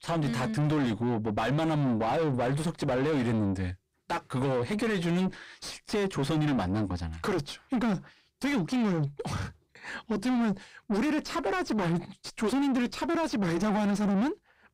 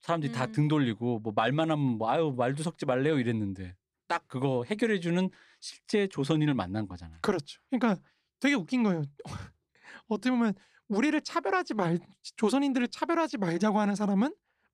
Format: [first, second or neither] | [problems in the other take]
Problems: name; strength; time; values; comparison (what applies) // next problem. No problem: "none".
second | distortion; heavy; 6 dB below the speech